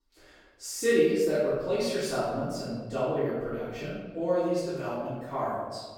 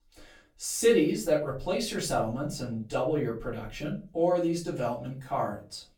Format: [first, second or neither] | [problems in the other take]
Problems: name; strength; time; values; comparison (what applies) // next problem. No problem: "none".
second | room echo; strong; dies away in 1.3 s; slight in the second // off-mic speech; far; far in the second